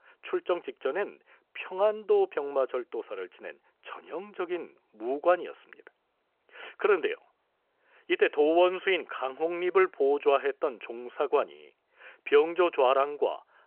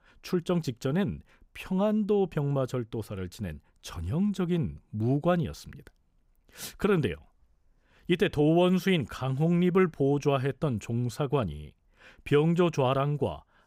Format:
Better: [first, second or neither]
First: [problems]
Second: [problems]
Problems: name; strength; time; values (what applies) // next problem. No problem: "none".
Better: second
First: phone-call audio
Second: none